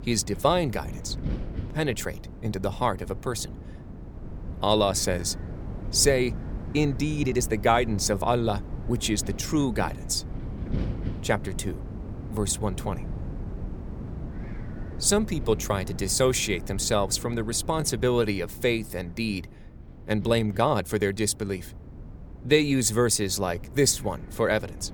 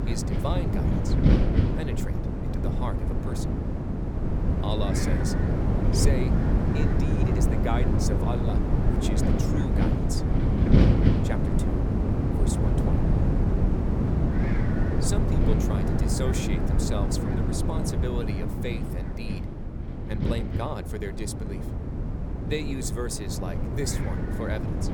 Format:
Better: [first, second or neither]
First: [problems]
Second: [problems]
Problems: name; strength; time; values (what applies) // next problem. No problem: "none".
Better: first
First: wind noise on the microphone; occasional gusts; 20 dB below the speech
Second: wind noise on the microphone; heavy; 3 dB above the speech